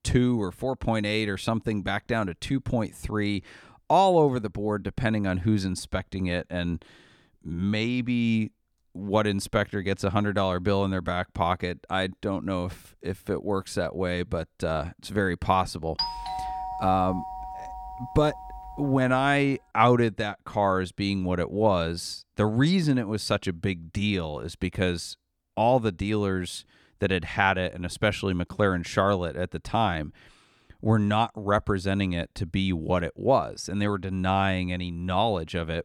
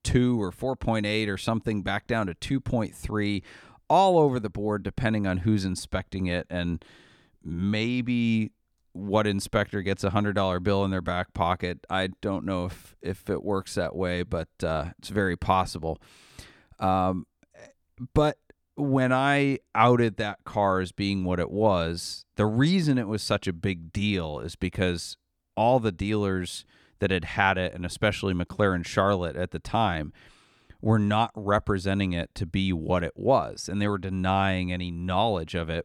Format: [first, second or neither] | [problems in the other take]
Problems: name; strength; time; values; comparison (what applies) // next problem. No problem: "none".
second | doorbell; noticeable; from 16 to 19 s; peak 3 dB below the speech